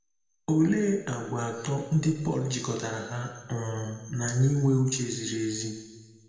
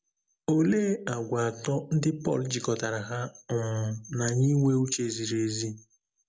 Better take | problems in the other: second | room echo; dies away in 1.2 s

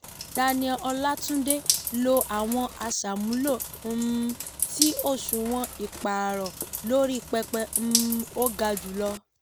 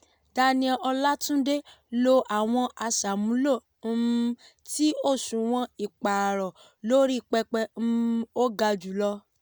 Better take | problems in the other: second | background sound (Bathtub (filling or washing)); 5 dB below the speech

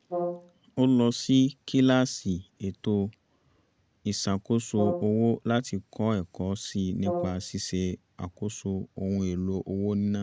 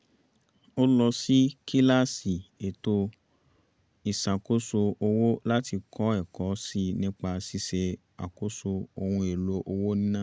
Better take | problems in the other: second | background sound (Brass instrument); 10 dB below the speech

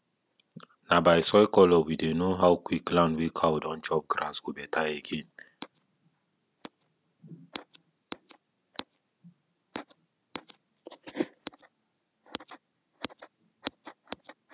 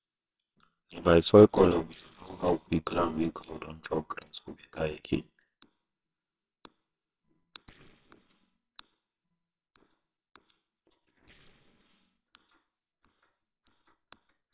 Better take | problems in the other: first | noise reduction (neural separator model SepFormer WHAMR!)

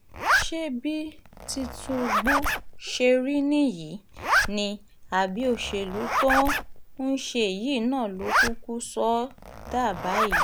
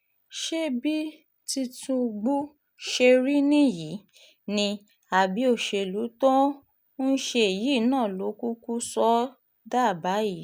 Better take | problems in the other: second | background sound (Zipper (clothing)); 2 dB below the speech

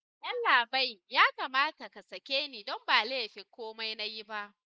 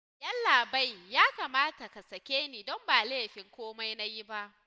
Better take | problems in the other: second | noise reduction (neural mask model Resemble Enhance denoiser)

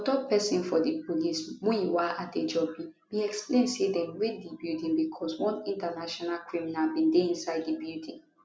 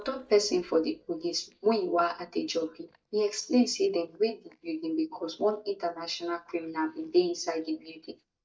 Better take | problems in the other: first | noise reduction (neural mask model DeepFilterNet 3)

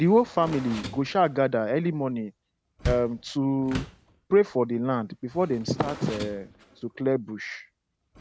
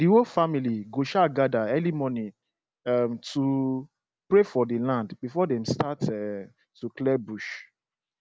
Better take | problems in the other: second | background sound (Door); 13 dB below the speech

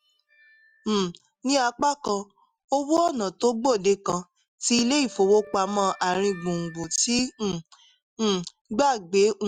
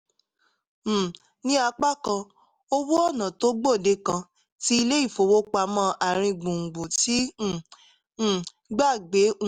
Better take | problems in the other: second | noise reduction (classical method Wiener filter)

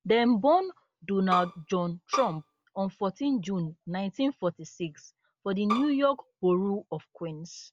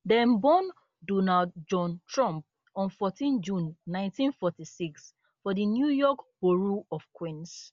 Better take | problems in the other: second | background sound (Bowed string instrument); 7 dB below the speech

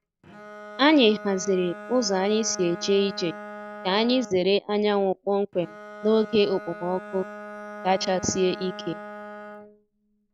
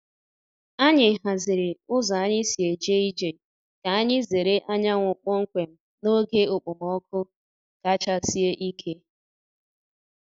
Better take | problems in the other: second | background sound (Bowed string instrument); 15 dB below the speech

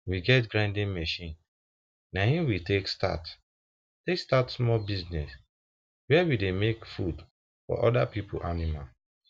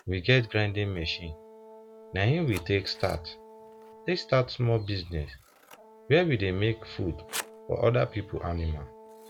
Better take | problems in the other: first | background sound (Scissors + Brass instrument); 18 dB below the speech

